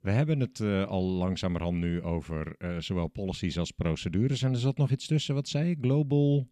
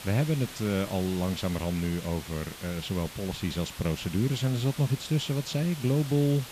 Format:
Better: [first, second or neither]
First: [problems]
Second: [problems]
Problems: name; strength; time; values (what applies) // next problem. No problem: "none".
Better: first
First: none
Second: hiss; noticeable; throughout; 10 dB below the speech